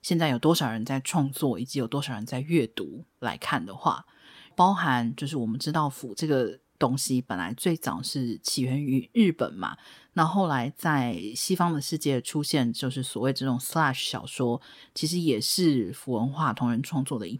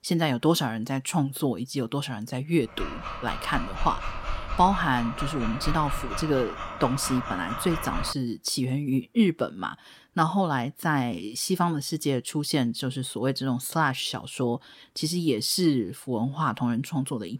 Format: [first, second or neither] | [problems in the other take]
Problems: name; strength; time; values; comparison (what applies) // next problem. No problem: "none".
first | dog barking; noticeable; from 3 to 8 s; peak 6 dB below the speech